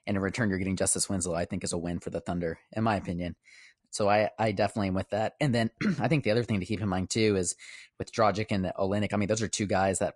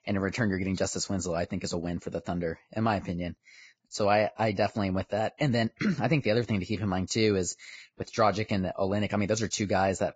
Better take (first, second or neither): first